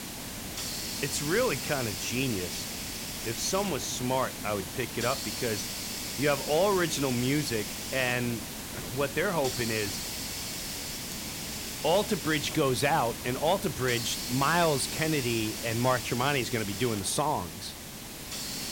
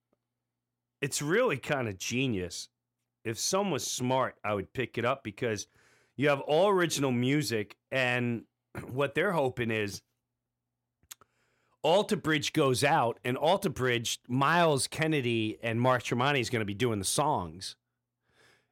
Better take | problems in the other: second | hiss; loud; throughout; 5 dB below the speech

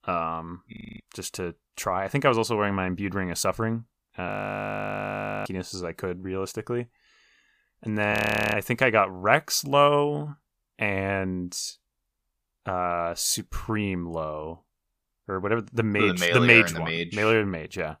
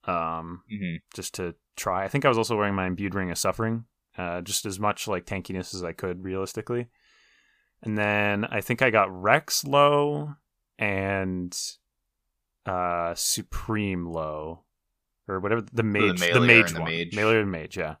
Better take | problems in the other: second | audio freezing; at 0.5 s, at 4.5 s for 1 s and at 8 s

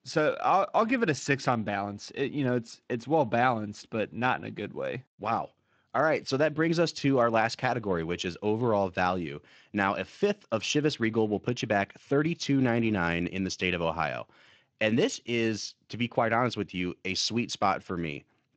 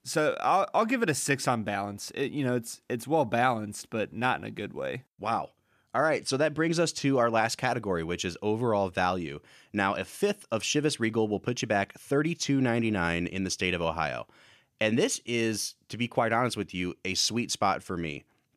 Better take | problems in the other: second | garbled, watery; slightly

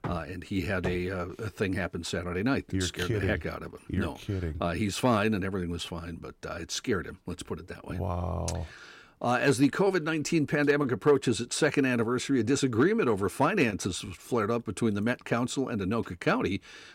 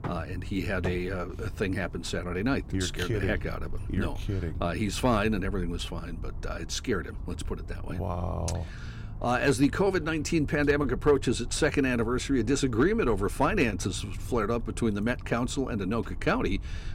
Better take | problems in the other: first | low rumble; faint; throughout; 25 dB below the speech

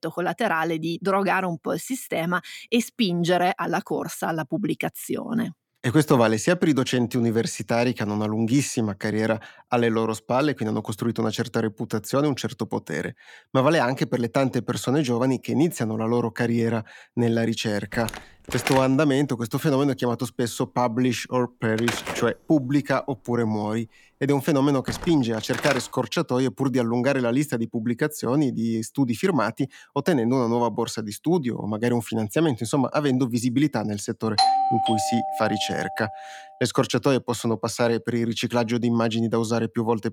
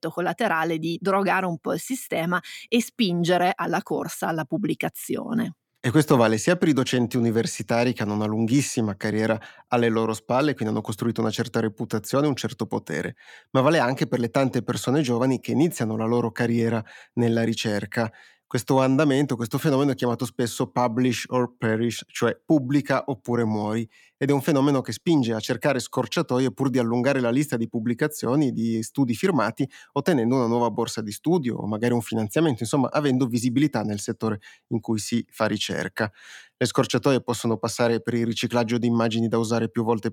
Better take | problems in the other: second | door banging; noticeable; from 18 to 26 s; peak 4 dB below the speech // doorbell; loud; from 34 to 36 s; peak 4 dB above the speech

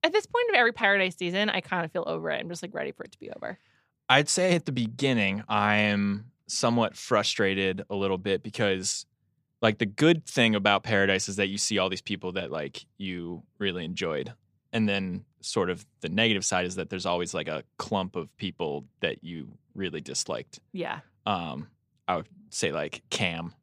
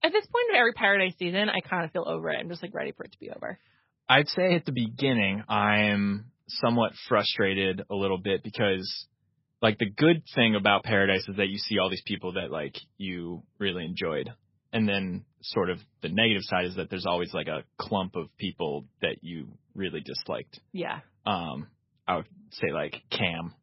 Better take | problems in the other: first | garbled, watery; badly; nothing above 5.5 kHz

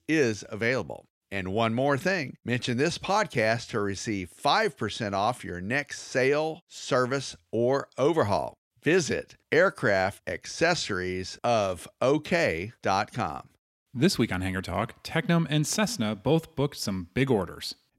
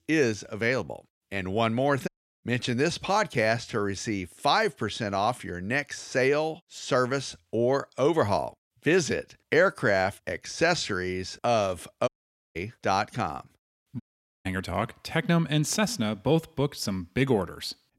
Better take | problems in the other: first | audio cutting out; at 2 s, at 12 s and at 14 s

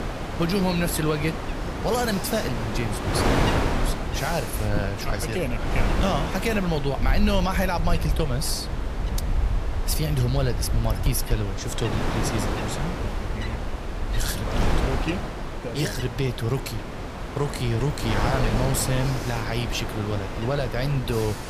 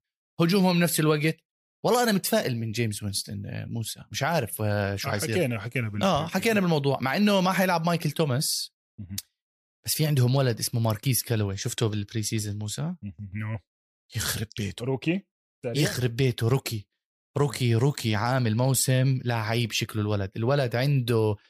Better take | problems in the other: second | wind noise on the microphone; heavy; 2 dB below the speech

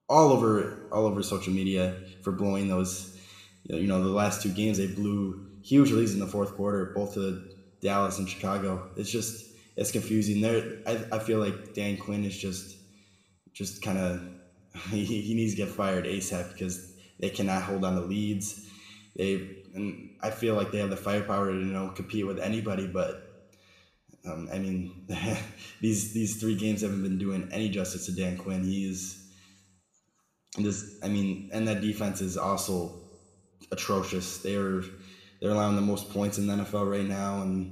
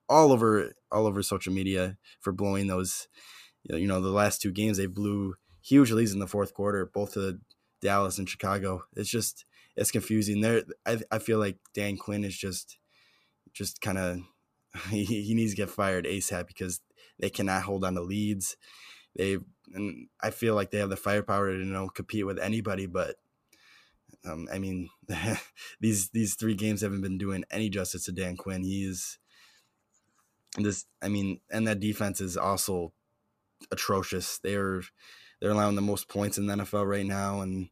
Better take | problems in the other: second | room echo; slight; dies away in 0.9 s

